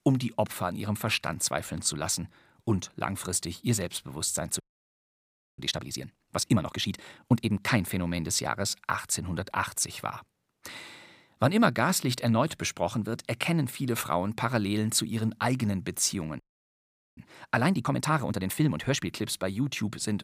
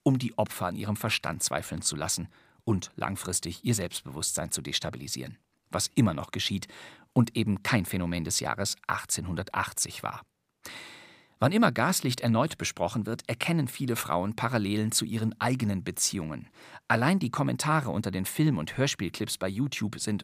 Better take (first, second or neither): second